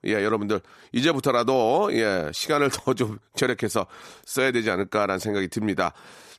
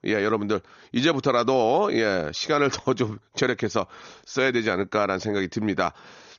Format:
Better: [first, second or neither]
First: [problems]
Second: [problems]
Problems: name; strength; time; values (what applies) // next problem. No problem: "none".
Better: first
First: none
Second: garbled, watery; slightly; nothing above 6.5 kHz